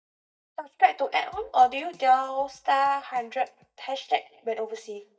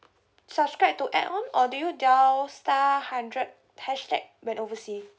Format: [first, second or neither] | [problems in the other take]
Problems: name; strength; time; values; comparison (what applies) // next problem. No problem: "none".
second | noise reduction (neural mask model DeepFilterNet 3)